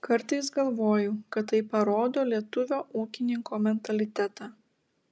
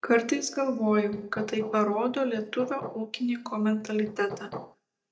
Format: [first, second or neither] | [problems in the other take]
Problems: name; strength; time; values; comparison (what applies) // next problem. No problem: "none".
first | noise reduction (neural mask model DeepFilterNet 3)